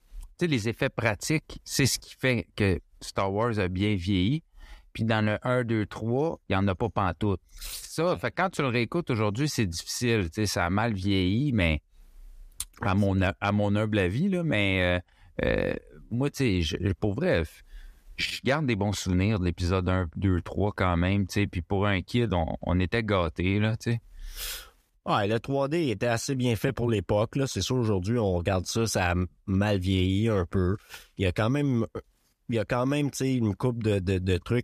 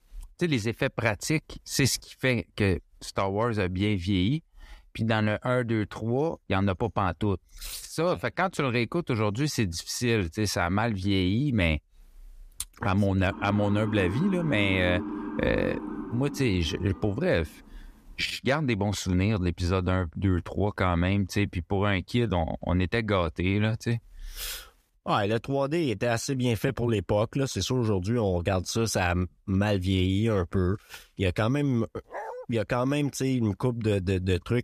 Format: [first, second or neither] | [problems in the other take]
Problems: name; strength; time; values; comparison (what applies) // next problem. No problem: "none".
first | siren; noticeable; from 13 to 17 s; peak 6 dB below the speech // dog barking; faint; at 32 s; peak 10 dB below the speech